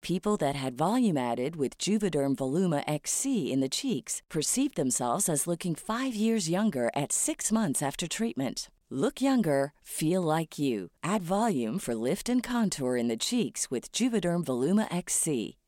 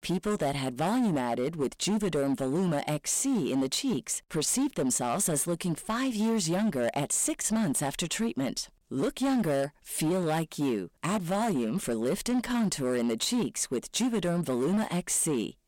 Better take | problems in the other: first | distortion; slight; 14% of the sound clipped

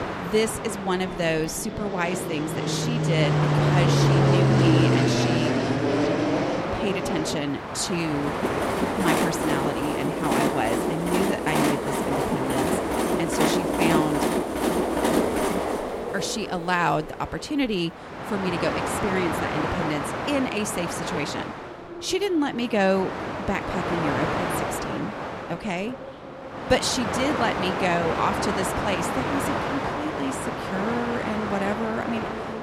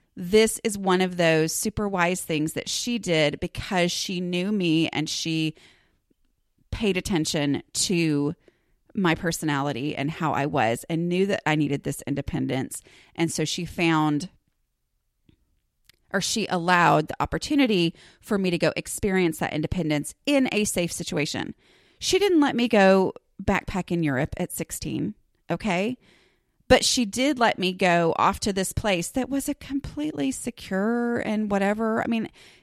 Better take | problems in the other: second | train or aircraft noise; very loud; throughout; 2 dB above the speech

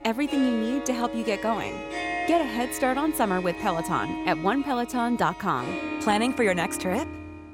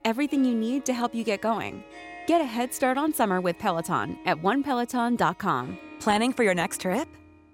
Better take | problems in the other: second | background music; loud; throughout; 7 dB below the speech; faint in the second

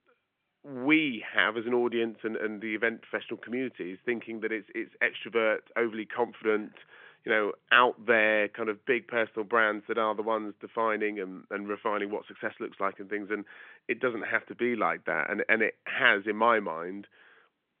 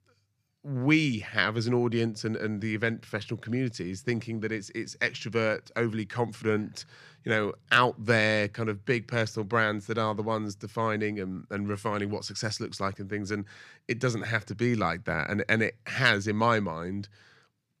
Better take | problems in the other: second | phone-call audio; nothing above 3.5 kHz

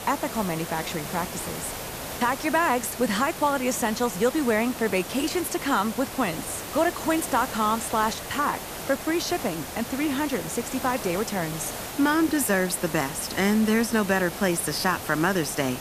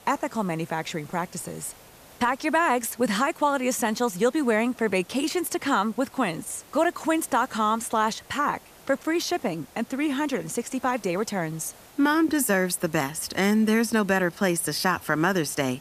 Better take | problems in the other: second | hiss; loud; throughout; 9 dB below the speech; faint in the second

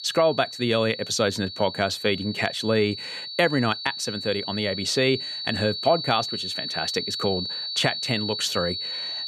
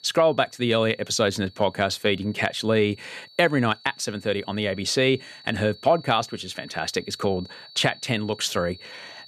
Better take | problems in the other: second | high-pitched whine; loud; throughout; 4.5 kHz, 5 dB below the speech; faint in the second

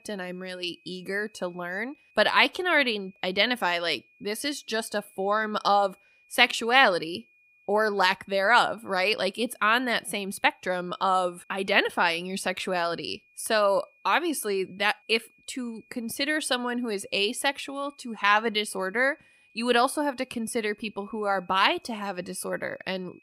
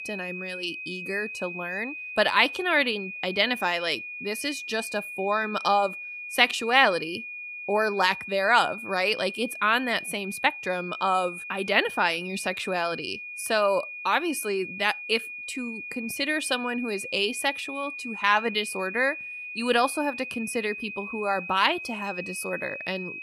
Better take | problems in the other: first | high-pitched whine; loud; throughout; 2.5 kHz, 9 dB below the speech; faint in the first

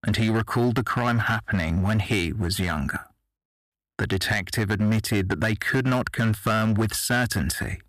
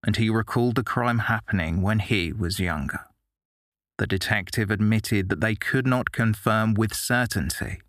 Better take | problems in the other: second | distortion; slight; 8% of the sound clipped

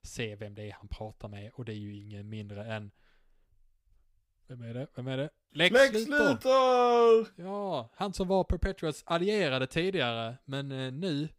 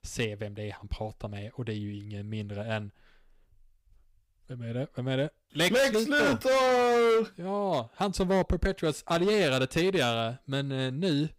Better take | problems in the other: first | distortion; heavy; 9% of the sound clipped

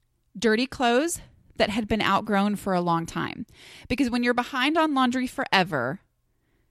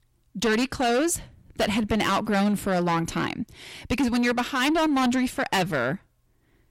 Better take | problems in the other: first | distortion; heavy; 7 dB below the speech

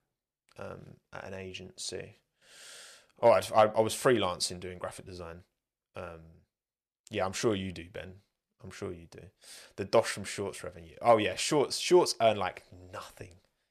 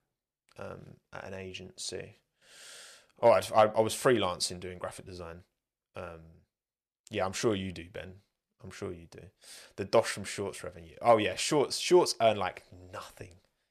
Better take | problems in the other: neither | none

